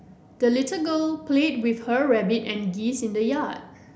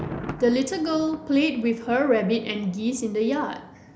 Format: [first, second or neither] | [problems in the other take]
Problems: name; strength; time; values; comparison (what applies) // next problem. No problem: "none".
first | background sound (Thunder); 15 dB below the speech